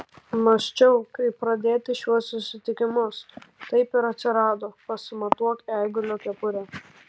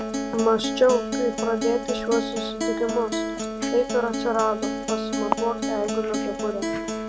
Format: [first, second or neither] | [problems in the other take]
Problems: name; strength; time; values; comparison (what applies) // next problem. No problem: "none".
first | background sound (Acoustic guitar); 2 dB below the speech